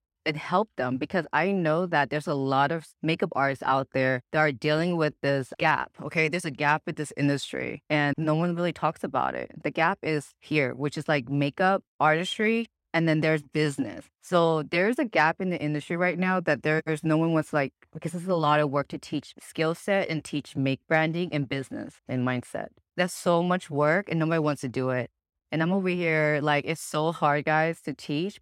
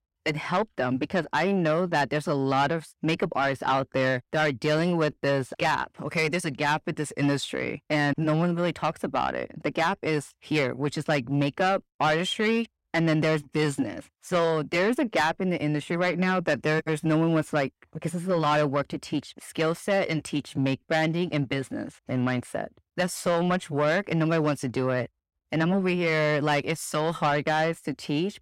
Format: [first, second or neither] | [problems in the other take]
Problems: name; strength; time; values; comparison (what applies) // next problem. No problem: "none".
first | distortion; slight; 10 dB below the speech